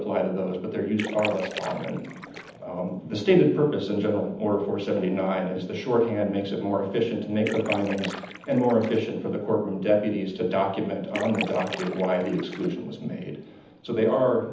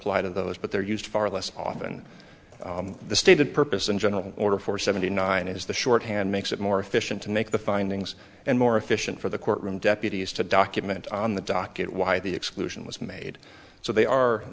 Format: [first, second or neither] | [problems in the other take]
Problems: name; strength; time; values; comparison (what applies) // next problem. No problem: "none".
second | background sound (Splash, splatter); 10 dB below the speech // room echo; dies away in 0.8 s